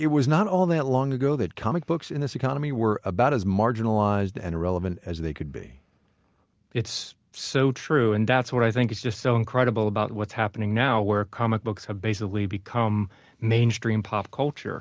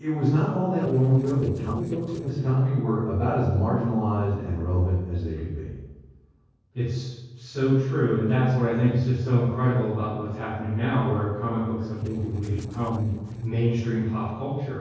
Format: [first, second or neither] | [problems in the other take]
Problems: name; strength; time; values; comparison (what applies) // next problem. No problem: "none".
first | noise reduction (neural separator model SepFormer DNS4)